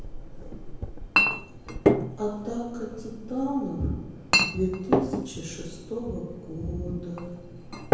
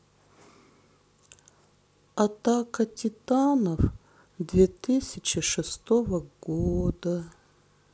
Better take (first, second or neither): second